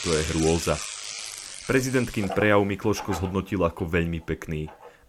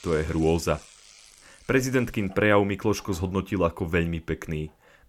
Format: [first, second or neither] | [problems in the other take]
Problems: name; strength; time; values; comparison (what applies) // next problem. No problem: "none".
second | household noises; loud; throughout; 8 dB below the speech; faint in the second